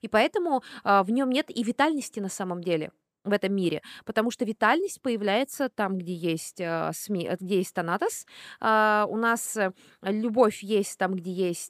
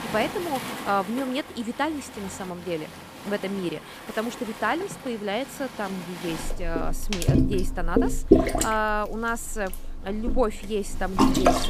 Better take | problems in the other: first | rain or running water; very loud; throughout; 3 dB above the speech

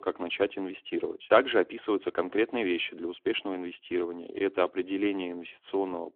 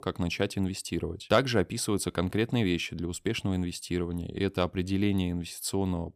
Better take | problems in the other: second | phone-call audio

